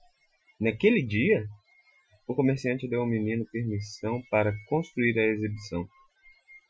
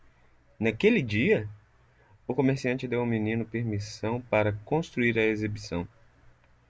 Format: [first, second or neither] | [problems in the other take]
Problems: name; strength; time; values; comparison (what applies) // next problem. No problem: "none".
second | noise reduction (classical method Wiener filter)